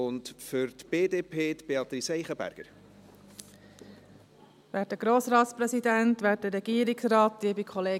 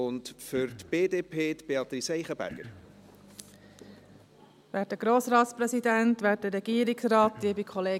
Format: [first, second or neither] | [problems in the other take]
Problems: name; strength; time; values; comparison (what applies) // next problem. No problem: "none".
first | background sound (Cough); 16 dB below the speech